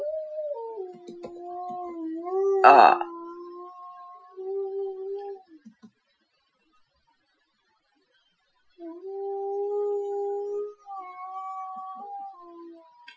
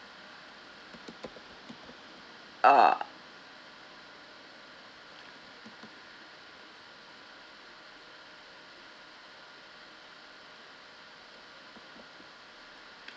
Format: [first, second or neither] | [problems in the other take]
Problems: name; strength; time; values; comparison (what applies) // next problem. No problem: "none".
second | noise reduction (classical method Wiener filter)